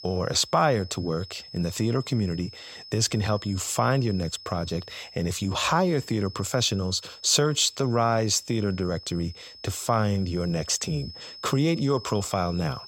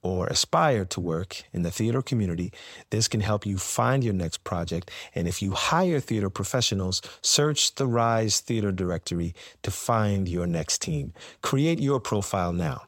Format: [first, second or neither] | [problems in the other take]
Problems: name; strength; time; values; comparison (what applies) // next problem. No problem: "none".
second | high-pitched whine; noticeable; throughout; 5 kHz, 15 dB below the speech